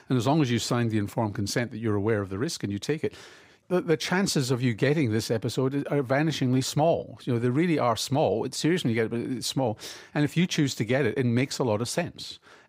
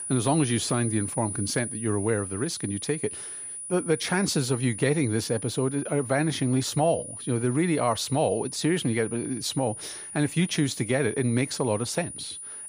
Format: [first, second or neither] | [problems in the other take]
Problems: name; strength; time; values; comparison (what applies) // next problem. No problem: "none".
first | high-pitched whine; loud; throughout; 9.5 kHz, 8 dB below the speech